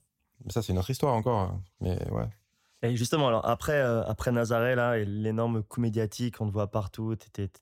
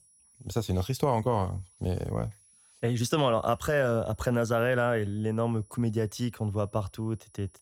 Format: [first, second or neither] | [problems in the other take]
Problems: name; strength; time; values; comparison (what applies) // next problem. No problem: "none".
first | high-pitched whine; faint; throughout; 10 kHz, 30 dB below the speech